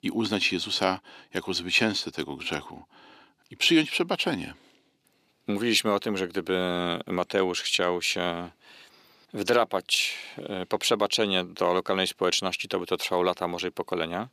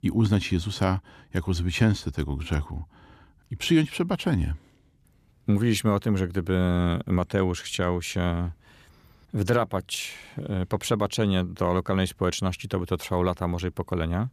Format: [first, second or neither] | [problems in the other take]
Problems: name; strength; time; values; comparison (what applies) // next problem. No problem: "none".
second | thin; somewhat; fading below 350 Hz